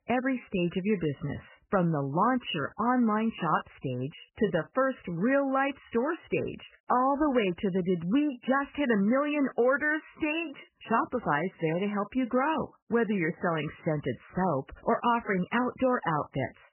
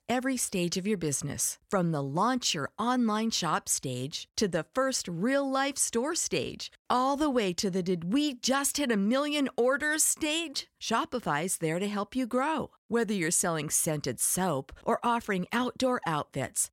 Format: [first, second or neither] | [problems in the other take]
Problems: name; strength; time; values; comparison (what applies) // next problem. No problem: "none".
second | garbled, watery; badly; nothing above 3 kHz